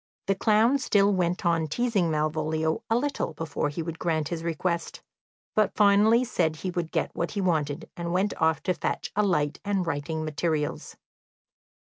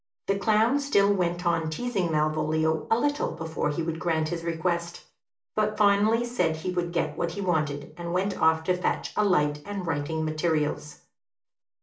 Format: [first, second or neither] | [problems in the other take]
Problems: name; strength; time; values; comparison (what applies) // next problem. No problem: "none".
first | room echo; dies away in 0.3 s